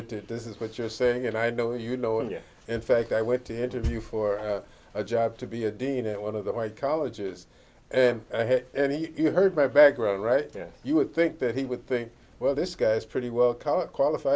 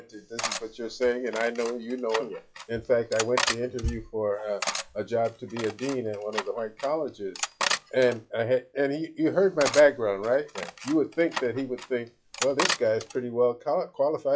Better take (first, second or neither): first